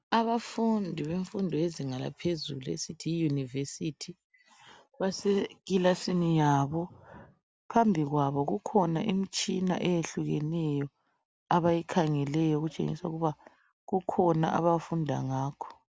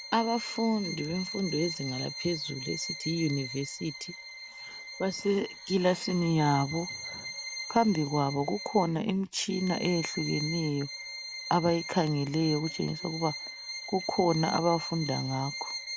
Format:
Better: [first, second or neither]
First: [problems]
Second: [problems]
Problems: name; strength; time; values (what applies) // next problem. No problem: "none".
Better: first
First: none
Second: background sound (Bowed string instrument); 10 dB below the speech